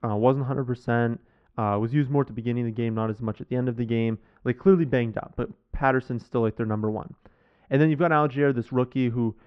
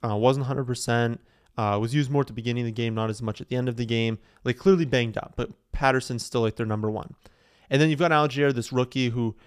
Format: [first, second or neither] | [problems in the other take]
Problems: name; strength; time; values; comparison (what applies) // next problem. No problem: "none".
second | muffled; very; fading above 1.5 kHz